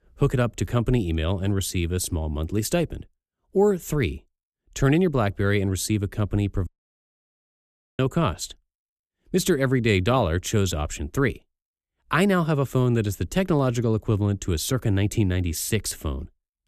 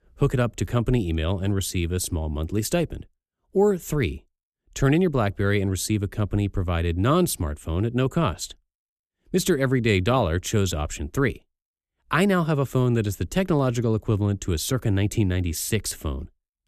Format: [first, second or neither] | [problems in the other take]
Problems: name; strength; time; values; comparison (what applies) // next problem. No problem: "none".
second | audio cutting out; at 6.5 s for 1.5 s